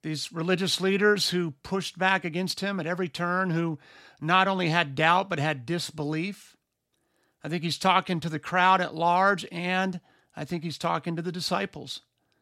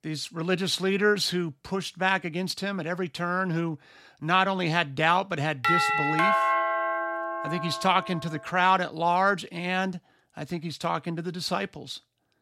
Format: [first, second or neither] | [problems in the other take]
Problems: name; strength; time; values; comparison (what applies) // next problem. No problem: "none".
first | doorbell; loud; from 5.5 to 8 s; peak 5 dB above the speech